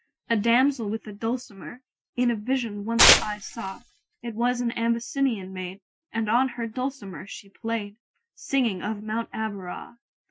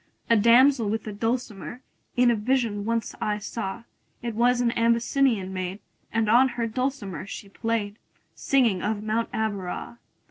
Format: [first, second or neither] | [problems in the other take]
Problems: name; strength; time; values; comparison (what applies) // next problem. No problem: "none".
second | noise reduction (classical method Wiener filter)